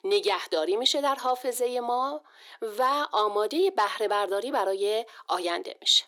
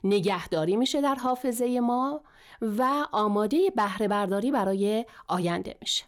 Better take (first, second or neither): second